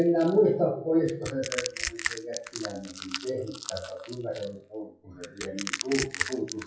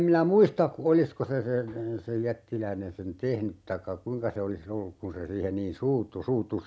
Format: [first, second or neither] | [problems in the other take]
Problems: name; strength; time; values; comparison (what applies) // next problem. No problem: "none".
second | noise reduction (classical method WPE with log-MMSE)